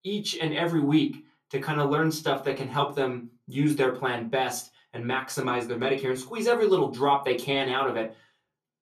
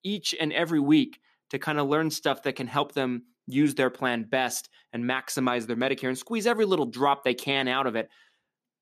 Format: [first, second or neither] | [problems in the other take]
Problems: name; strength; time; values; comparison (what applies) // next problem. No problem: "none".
second | off-mic speech; far // room echo; very slight; dies away in 0.2 s